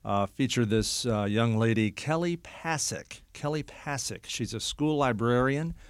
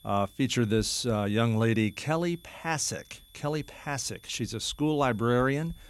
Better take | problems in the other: first | high-pitched whine; faint; throughout; 3.5 kHz, 25 dB below the speech

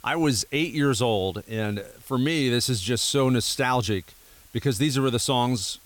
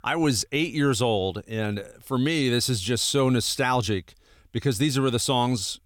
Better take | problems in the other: second | hiss; faint; throughout; 25 dB below the speech

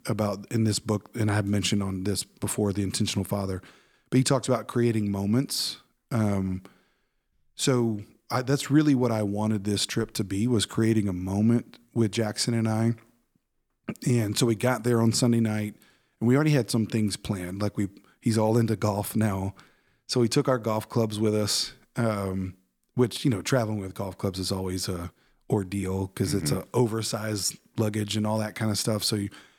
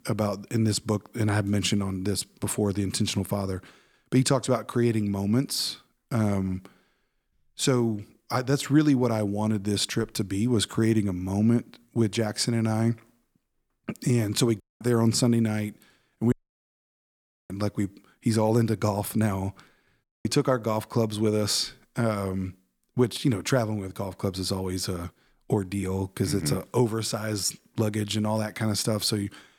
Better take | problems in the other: first | audio cutting out; at 15 s, at 16 s for 1 s and at 20 s

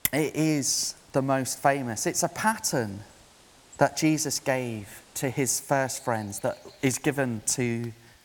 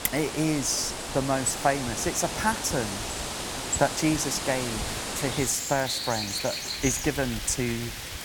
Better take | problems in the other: first | animal sounds; loud; throughout; 3 dB below the speech; faint in the first

